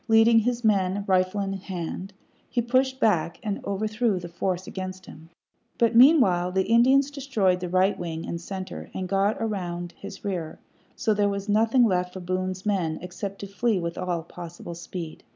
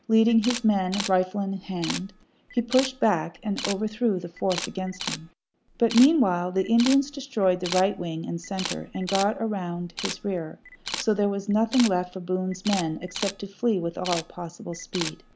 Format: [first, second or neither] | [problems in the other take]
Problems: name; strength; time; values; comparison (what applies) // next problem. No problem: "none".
first | background sound (Camera); 12 dB below the speech